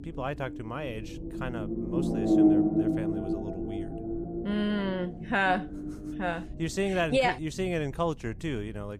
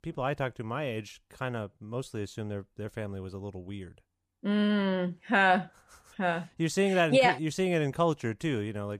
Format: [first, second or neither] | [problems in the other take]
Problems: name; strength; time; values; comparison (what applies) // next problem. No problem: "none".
second | low rumble; loud; throughout; 2 dB below the speech